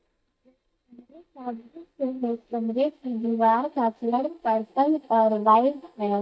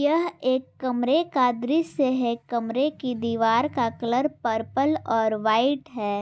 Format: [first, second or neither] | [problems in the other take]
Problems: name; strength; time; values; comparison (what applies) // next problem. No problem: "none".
second | noise reduction (neural mask model DeepFilterNet 3)